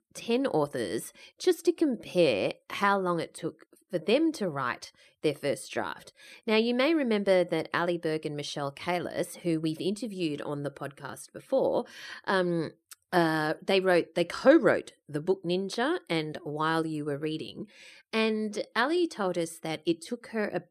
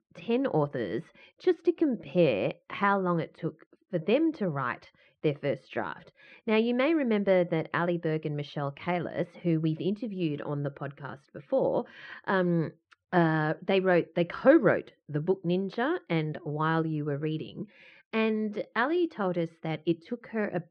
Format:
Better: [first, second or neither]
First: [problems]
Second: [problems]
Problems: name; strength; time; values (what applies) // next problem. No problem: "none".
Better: first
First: none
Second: muffled; slightly; fading above 3 kHz